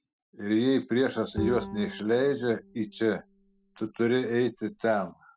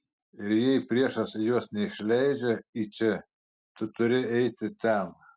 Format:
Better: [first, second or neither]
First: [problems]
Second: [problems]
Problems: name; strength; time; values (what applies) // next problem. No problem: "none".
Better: second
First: background sound (Bowed string instrument); 13 dB below the speech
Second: none